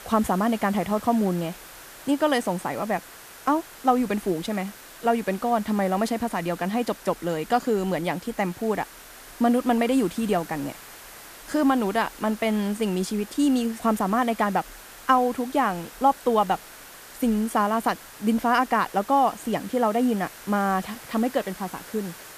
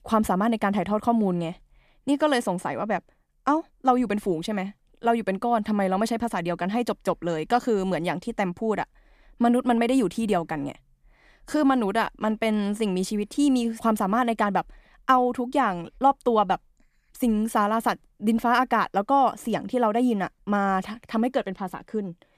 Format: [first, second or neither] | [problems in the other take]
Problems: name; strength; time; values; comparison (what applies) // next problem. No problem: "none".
second | hiss; noticeable; throughout; 15 dB below the speech